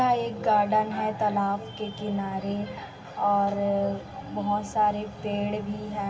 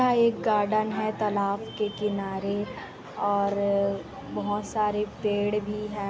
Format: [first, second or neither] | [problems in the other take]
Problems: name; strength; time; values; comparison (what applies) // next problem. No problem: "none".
second | room echo; dies away in 1.5 s